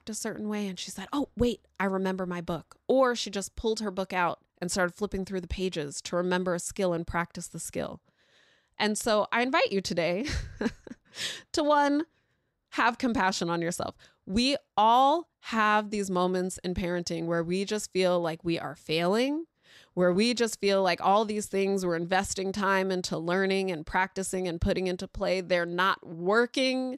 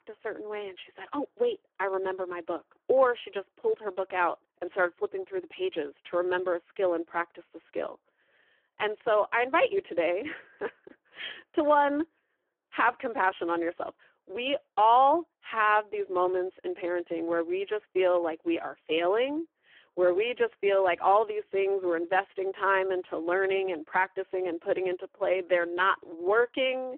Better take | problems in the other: first | phone-call audio; poor line

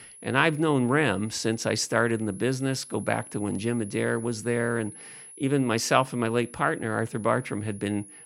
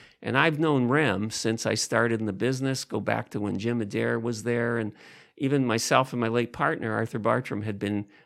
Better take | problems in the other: second | high-pitched whine; noticeable; throughout; 10.5 kHz, 15 dB below the speech

